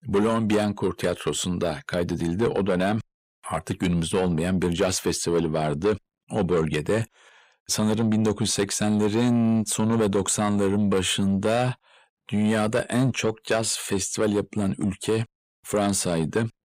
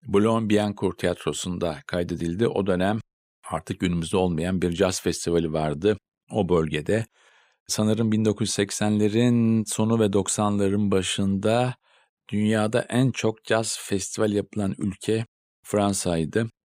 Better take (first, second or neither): second